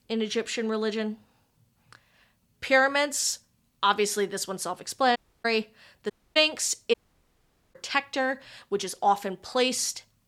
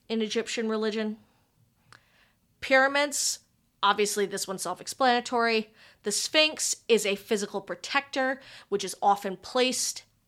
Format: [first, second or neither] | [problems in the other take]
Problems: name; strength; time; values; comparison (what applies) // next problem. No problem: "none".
second | audio cutting out; at 5 s, at 6 s and at 7 s for 1 s